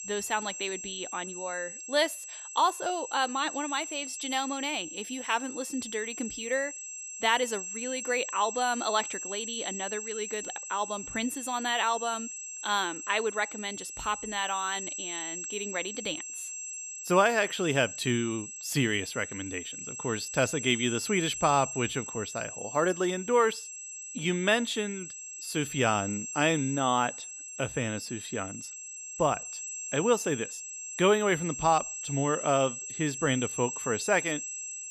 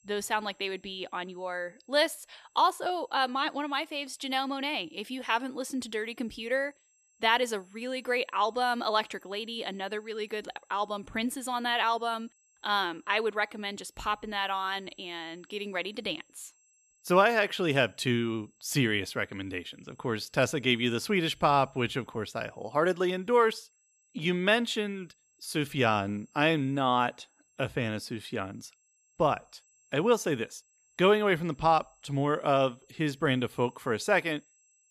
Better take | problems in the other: second | high-pitched whine; loud; throughout; 7.5 kHz, 7 dB below the speech; faint in the second

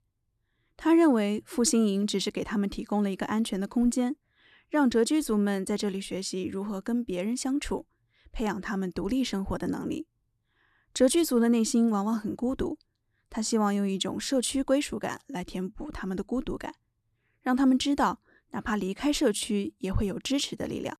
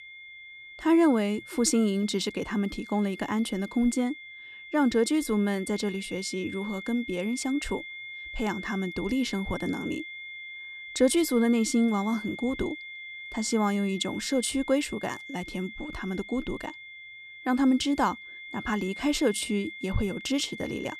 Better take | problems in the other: first | high-pitched whine; noticeable; throughout; 2 kHz, 10 dB below the speech

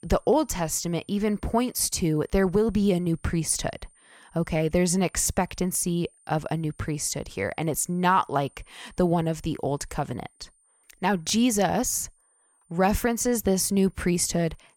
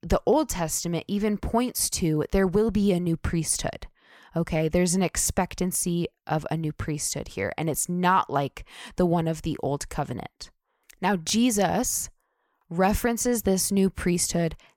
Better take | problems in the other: second | high-pitched whine; faint; throughout; 9 kHz, 35 dB below the speech

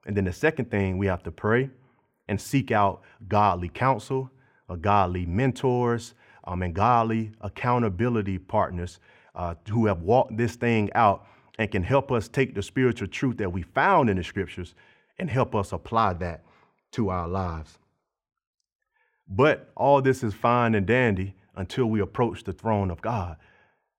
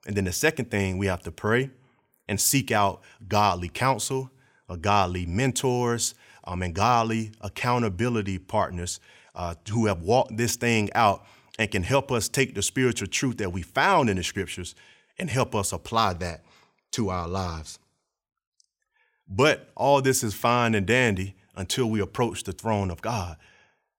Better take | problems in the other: second | muffled; very; fading above 3.5 kHz

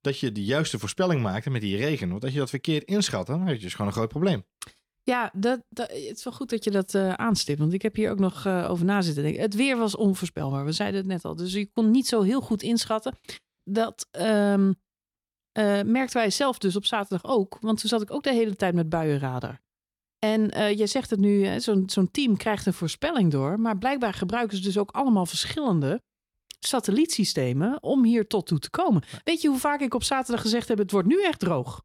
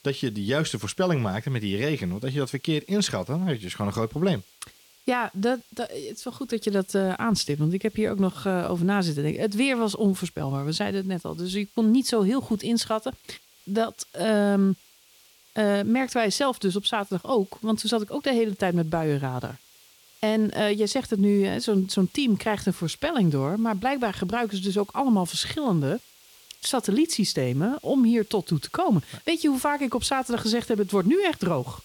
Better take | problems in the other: first | hiss; faint; throughout; 25 dB below the speech

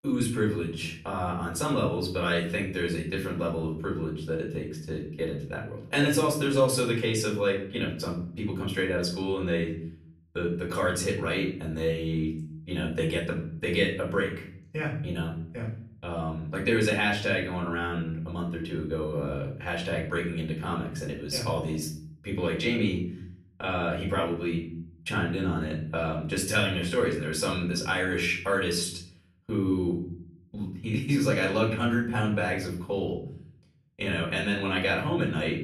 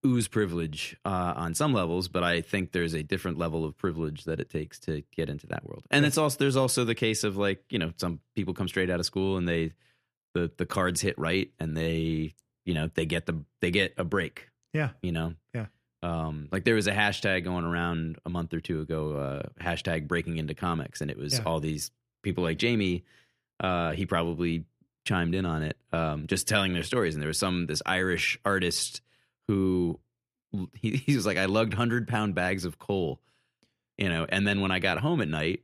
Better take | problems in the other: second | room echo; slight; dies away in 0.5 s // off-mic speech; far

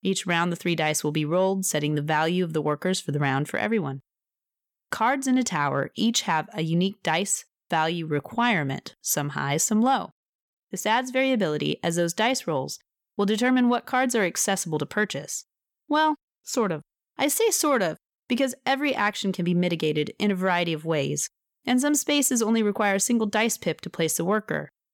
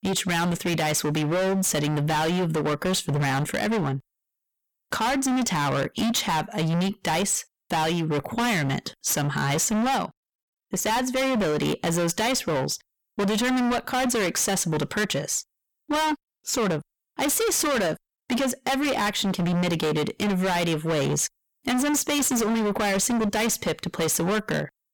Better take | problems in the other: first | distortion; heavy; 33% of the sound clipped

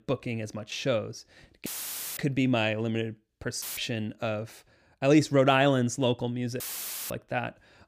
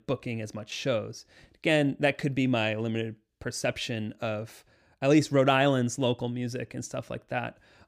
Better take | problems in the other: second | audio cutting out; filled with static; at 1.5 s for 0.5 s, at 3.5 s and at 6.5 s for 0.5 s

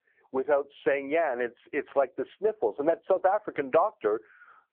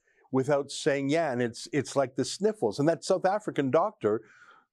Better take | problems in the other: second | phone-call audio; poor line

